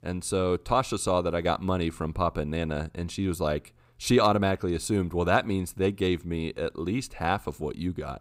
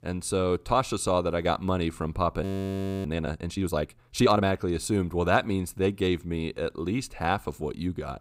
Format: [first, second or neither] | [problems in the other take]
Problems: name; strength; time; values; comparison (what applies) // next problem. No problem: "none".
first | audio freezing; at 2.5 s for 0.5 s